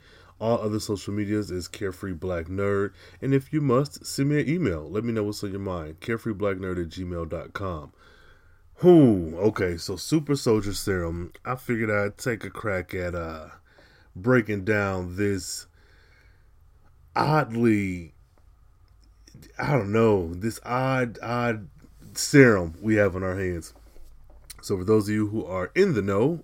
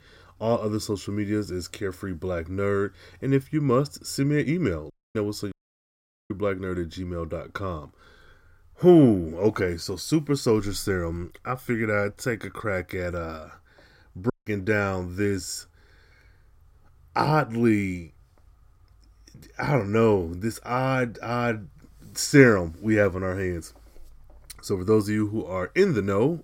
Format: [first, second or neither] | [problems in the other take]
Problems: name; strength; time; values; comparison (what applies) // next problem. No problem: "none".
first | audio cutting out; at 5 s, at 5.5 s for 1 s and at 14 s